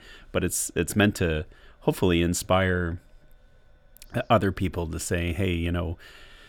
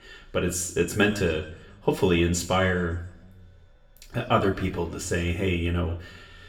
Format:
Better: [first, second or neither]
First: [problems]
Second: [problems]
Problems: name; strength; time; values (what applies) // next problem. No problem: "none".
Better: first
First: none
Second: room echo; very slight; dies away in 0.6 s // off-mic speech; somewhat distant